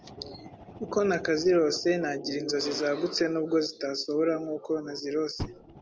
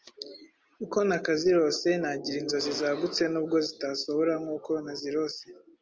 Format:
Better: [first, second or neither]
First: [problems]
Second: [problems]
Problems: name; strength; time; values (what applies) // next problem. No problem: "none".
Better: second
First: background sound (Fire); 18 dB below the speech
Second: none